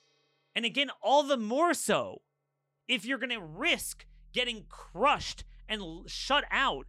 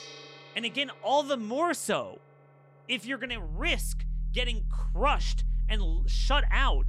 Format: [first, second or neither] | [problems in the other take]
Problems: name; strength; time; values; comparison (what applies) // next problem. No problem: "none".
first | background music; loud; throughout; 3 dB below the speech; faint in the first